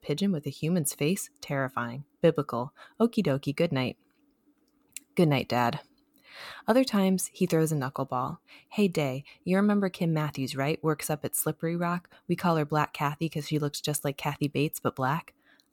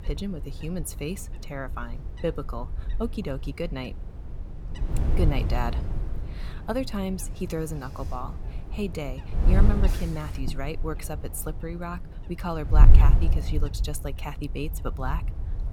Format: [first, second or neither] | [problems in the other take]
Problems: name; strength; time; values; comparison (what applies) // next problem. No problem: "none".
first | wind noise on the microphone; heavy; 9 dB below the speech